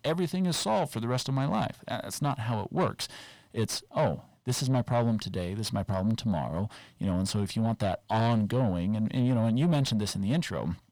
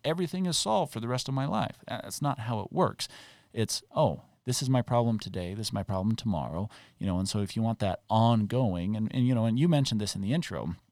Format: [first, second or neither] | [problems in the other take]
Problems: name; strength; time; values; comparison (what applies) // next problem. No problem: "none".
second | distortion; slight; 10 dB below the speech